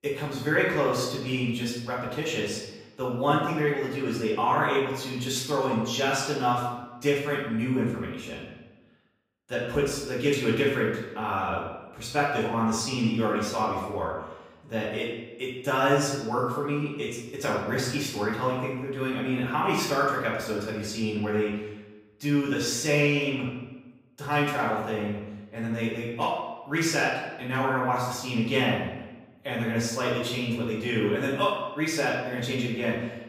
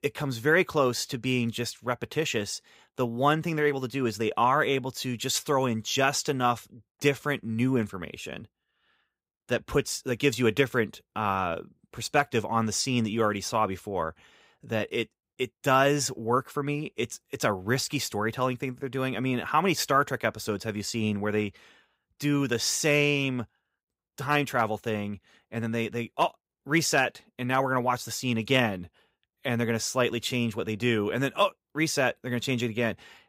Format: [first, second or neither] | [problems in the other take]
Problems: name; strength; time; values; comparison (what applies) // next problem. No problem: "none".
second | room echo; noticeable; dies away in 0.9 s // off-mic speech; far